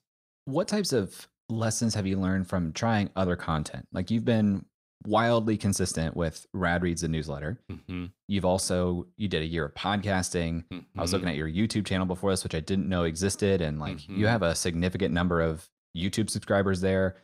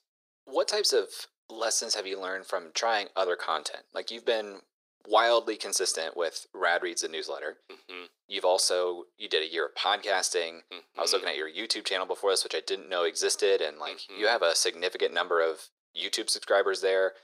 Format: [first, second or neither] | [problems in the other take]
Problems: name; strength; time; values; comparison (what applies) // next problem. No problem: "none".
first | thin; very; fading below 400 Hz